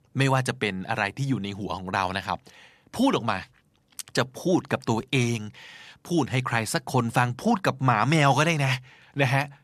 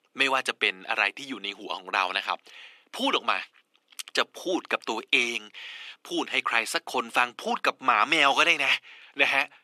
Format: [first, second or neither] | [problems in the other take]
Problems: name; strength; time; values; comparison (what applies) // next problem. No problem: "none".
first | thin; somewhat; fading below 300 Hz